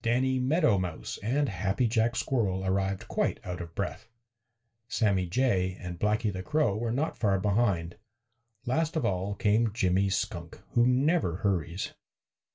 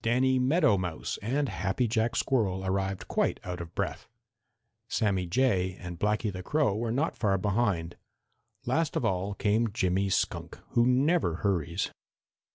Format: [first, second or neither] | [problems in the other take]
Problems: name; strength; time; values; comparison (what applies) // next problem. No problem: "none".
second | room echo; dies away in 0.2 s